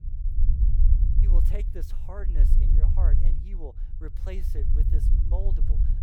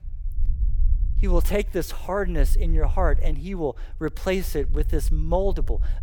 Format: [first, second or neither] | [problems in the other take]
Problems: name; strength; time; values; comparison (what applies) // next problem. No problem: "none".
second | low rumble; loud; throughout; 1 dB below the speech; faint in the second